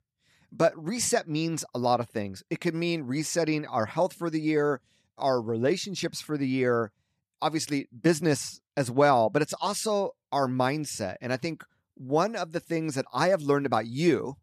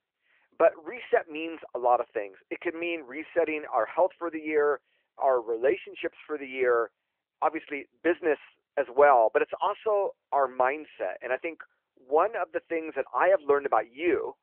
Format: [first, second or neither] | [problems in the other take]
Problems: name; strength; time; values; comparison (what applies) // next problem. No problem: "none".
first | phone-call audio